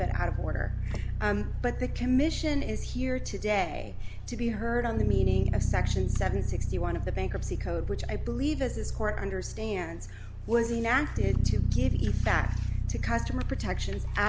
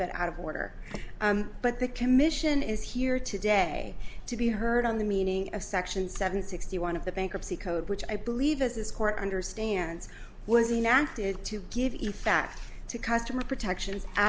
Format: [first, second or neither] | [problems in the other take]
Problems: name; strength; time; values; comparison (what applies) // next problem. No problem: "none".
second | background sound (Bass guitar); 1 dB above the speech